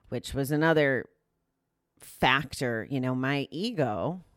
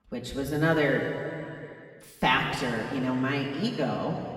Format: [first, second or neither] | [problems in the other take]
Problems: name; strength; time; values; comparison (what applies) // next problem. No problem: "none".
first | room echo; noticeable; dies away in 2.5 s // off-mic speech; far